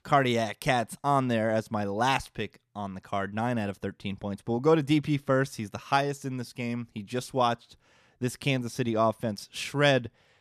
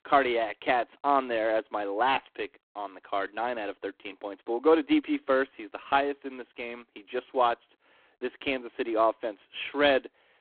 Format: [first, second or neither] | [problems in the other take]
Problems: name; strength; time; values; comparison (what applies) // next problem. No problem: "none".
first | phone-call audio; poor line